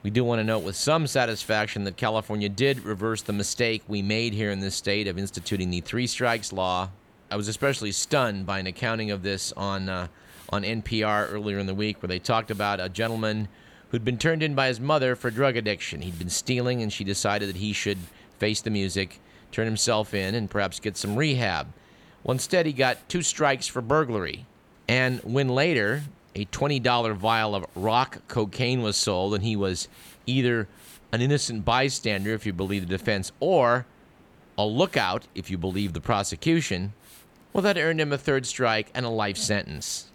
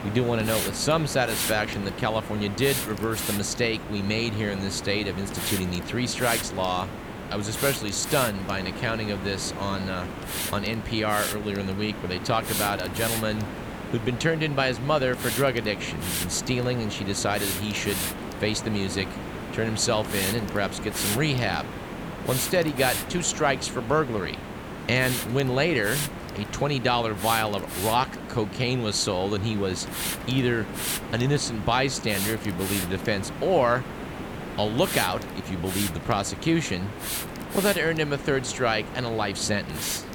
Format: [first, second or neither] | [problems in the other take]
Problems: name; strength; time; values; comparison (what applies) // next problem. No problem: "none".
first | hiss; loud; throughout; 6 dB below the speech; faint in the first